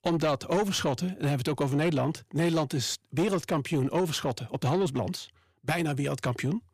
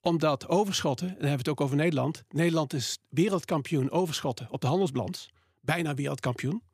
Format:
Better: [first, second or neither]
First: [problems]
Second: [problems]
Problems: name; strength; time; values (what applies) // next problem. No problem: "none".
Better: second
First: distortion; slight; 10 dB below the speech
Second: none